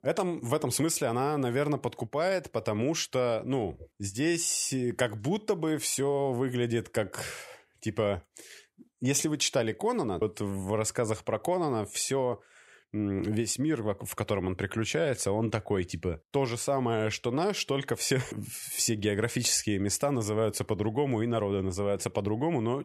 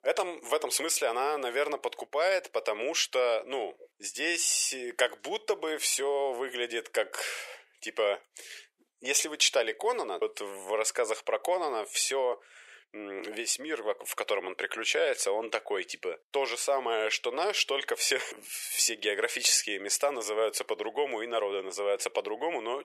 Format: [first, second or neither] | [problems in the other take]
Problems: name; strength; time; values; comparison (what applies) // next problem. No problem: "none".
first | thin; very; fading below 450 Hz